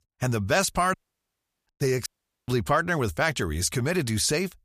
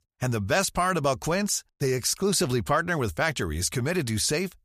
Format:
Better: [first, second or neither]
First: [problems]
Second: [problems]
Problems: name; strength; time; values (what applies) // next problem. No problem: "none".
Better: second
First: audio cutting out; at 1 s for 0.5 s and at 2 s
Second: none